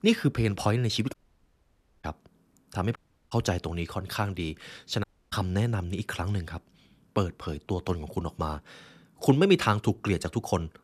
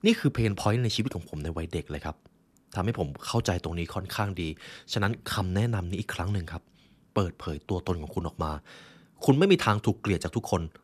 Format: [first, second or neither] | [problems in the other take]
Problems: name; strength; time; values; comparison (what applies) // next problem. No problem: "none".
second | audio cutting out; at 1 s for 1 s, at 3 s and at 5 s